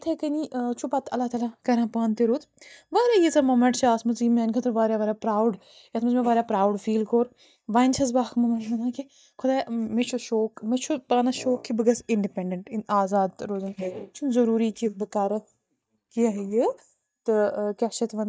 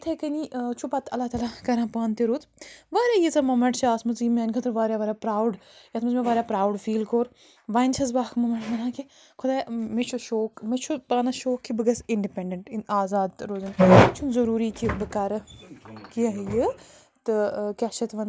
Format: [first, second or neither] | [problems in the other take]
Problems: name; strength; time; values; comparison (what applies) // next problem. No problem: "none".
second | noise reduction (neural mask model DeepFilterNet 3)